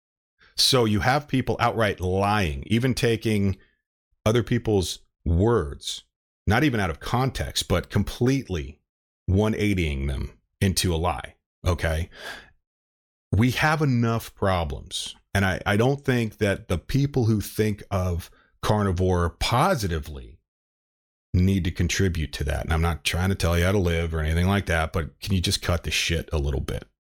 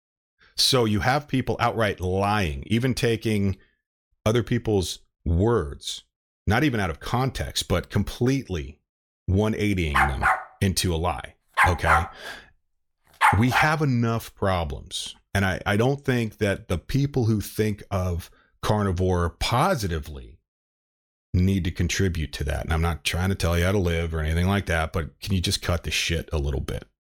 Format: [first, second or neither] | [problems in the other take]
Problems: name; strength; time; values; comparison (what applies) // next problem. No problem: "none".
first | dog barking; loud; from 10 to 14 s; peak 5 dB above the speech